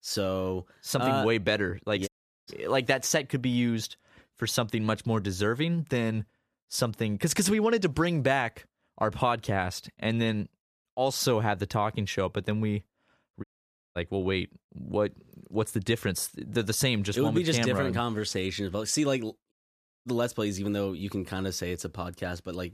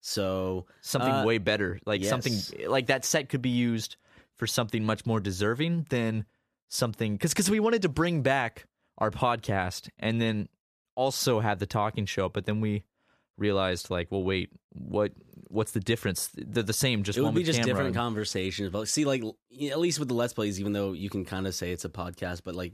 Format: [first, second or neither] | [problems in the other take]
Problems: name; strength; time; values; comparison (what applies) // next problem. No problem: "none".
second | audio cutting out; at 2 s, at 13 s for 0.5 s and at 20 s for 0.5 s